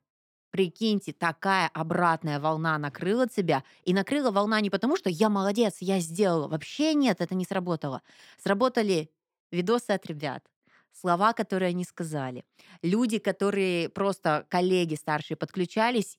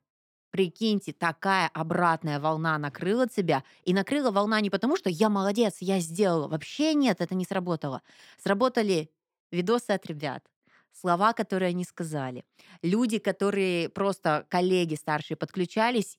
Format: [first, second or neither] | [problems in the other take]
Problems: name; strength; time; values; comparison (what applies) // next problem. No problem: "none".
neither | none